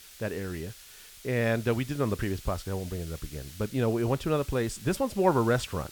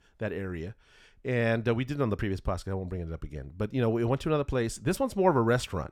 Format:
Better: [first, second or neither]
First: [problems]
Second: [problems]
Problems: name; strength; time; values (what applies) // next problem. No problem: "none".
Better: second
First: hiss; noticeable; throughout; 15 dB below the speech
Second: none